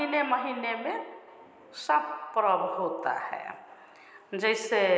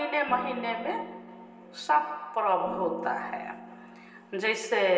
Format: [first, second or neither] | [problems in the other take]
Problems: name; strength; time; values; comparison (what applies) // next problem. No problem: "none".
first | background sound (Piano); 15 dB below the speech // room echo; dies away in 0.2 s